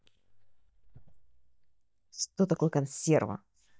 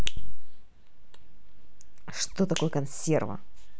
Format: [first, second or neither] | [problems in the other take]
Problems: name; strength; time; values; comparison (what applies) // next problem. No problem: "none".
second | noise reduction (neural mask model DeepFilterNet 3)